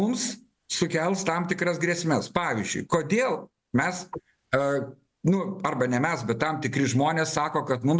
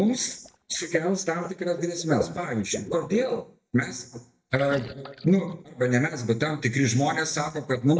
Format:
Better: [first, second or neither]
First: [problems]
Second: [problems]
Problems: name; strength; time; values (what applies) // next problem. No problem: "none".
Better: first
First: none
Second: noise reduction (neural mask model DeepFilterNet 3)